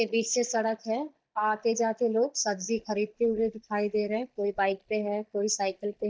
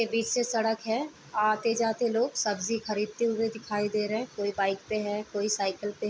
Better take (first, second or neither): second